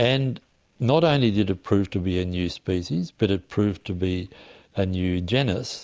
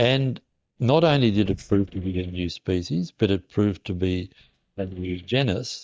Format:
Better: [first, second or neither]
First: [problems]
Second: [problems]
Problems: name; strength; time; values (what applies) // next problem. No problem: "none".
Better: first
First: none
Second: noise reduction (neural mask model DeepFilterNet 3)